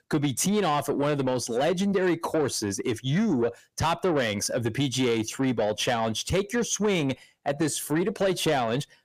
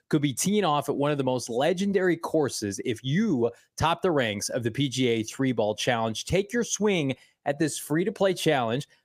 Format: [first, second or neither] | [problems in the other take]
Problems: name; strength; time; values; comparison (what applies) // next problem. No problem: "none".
second | distortion; slight; 10 dB below the speech